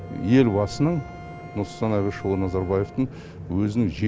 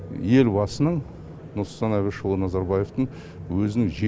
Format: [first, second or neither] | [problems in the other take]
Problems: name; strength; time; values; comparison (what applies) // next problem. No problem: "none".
second | background sound (Bowed string instrument); 20 dB below the speech